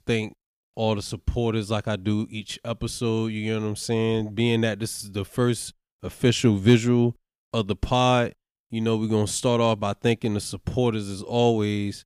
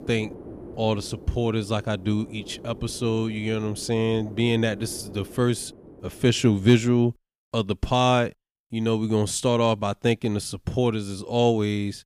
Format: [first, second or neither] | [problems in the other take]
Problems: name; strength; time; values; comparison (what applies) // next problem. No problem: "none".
first | wind noise on the microphone; occasional gusts; until 7 s; 20 dB below the speech